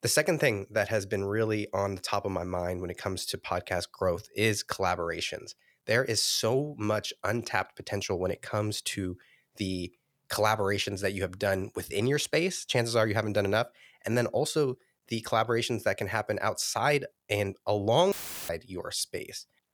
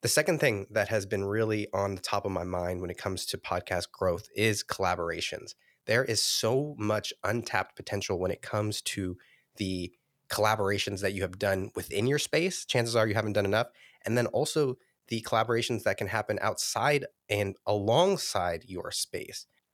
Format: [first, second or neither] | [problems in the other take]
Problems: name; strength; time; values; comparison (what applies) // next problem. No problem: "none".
second | audio cutting out; filled with static; at 18 s